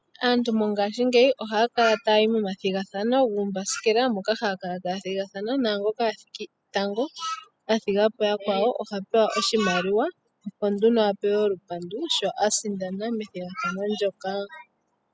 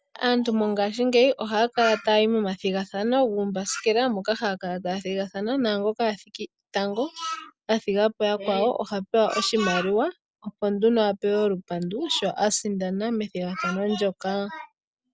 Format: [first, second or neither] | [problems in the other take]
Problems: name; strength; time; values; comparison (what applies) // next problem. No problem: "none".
second | noise reduction (classical method spectral subtraction)